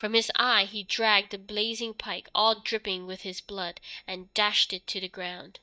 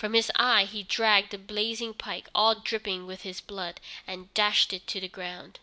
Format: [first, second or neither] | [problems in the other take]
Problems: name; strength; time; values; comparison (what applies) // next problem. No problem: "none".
second | noise reduction (neural mask model DeepFilterNet 3)